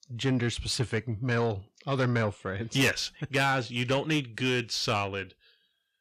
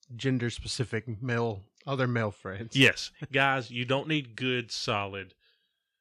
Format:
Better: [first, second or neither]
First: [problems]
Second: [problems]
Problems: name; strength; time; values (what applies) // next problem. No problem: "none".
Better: second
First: distortion; heavy; 8 dB below the speech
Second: none